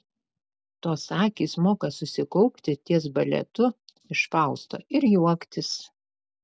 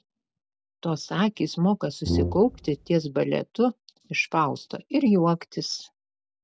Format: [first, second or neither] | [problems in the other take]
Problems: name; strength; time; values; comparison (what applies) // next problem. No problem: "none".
first | background sound (Brass instrument); 3 dB below the speech